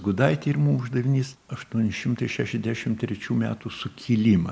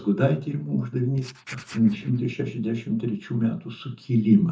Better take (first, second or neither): first